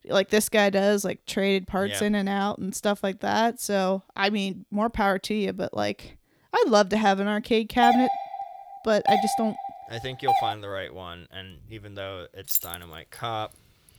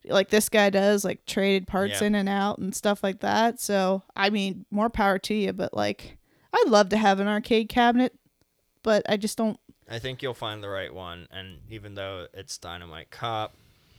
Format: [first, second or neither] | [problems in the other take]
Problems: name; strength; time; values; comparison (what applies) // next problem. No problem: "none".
second | doorbell; loud; from 8 to 11 s; peak 2 dB above the speech // jangling keys; noticeable; at 12 s; peak level with the speech